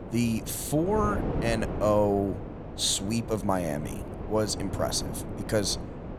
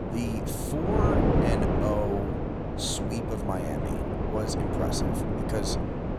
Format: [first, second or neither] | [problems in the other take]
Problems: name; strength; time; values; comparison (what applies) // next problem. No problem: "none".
first | wind noise on the microphone; heavy; 3 dB above the speech; occasional gusts in the first